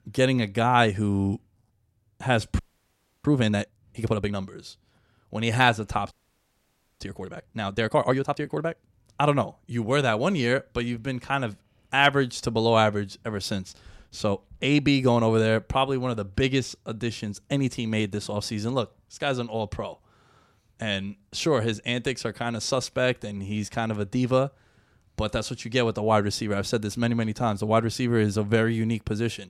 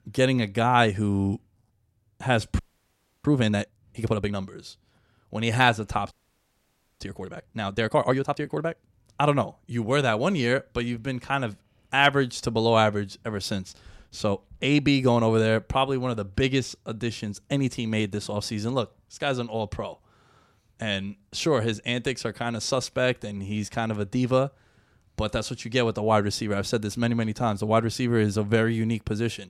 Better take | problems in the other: neither | audio freezing; at 2.5 s for 0.5 s and at 6 s for 1 s; the same in both

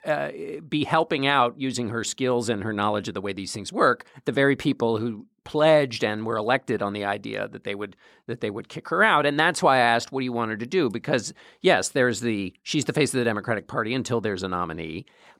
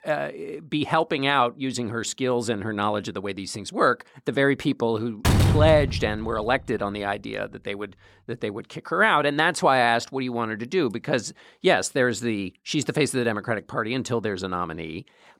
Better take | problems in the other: first | door banging; loud; from 5 to 6.5 s; peak 5 dB above the speech

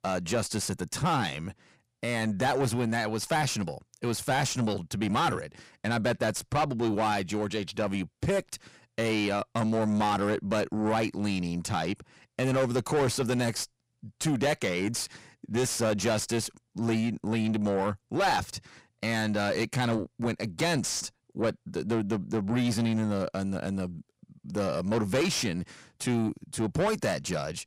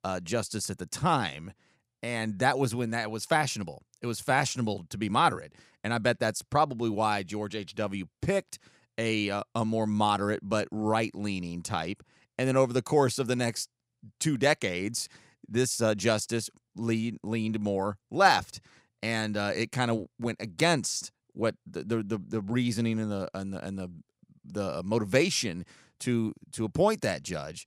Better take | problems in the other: second | distortion; heavy; 7 dB below the speech

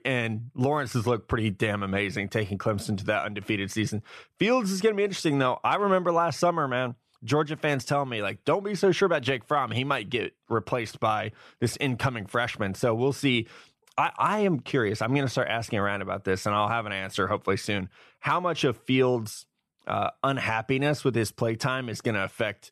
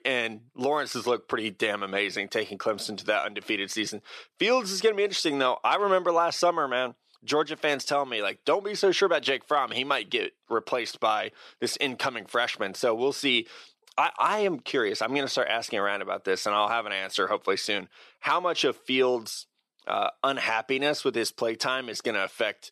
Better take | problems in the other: first | thin; somewhat; fading below 400 Hz

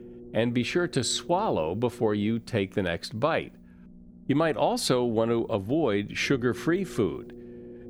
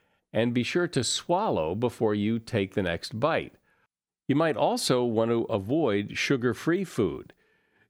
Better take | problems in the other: second | low rumble; faint; throughout; 20 dB below the speech

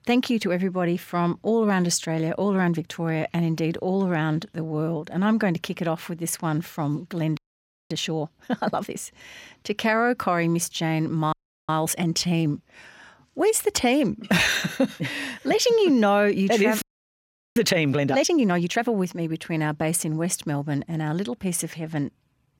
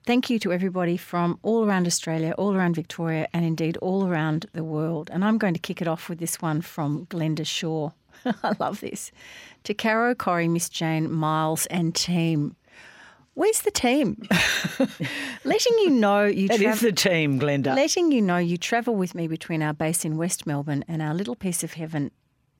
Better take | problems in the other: second | audio freezing; at 7.5 s for 0.5 s, at 11 s and at 17 s for 0.5 s

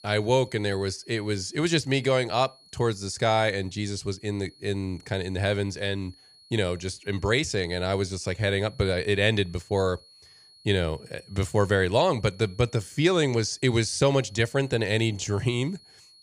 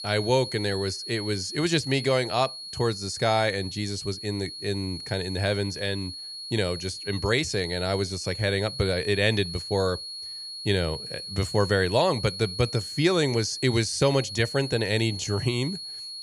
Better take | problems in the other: first | high-pitched whine; loud; throughout; 4.5 kHz, 8 dB below the speech; faint in the first

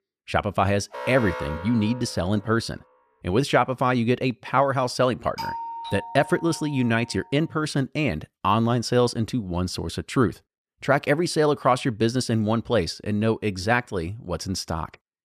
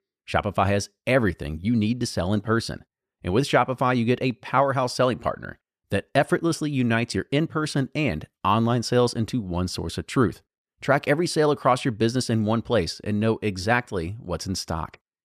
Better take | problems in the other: second | alarm; noticeable; from 1 to 2.5 s; peak 7 dB below the speech // doorbell; noticeable; from 5.5 to 7 s; peak 7 dB below the speech

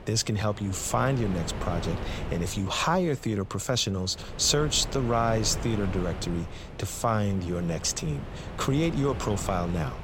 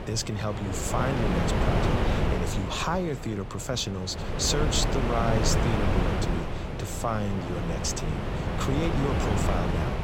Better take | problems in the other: first | wind noise on the microphone; heavy; as loud as the speech; occasional gusts in the first

